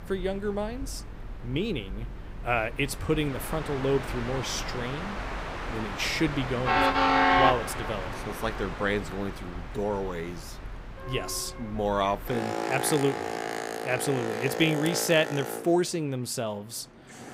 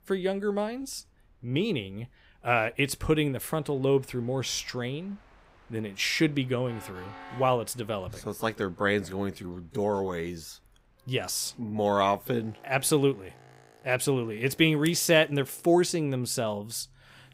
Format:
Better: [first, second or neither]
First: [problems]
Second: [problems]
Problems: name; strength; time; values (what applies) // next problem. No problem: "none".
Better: second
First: train or aircraft noise; loud; throughout; 1 dB below the speech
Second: train or aircraft noise; faint; throughout; 25 dB below the speech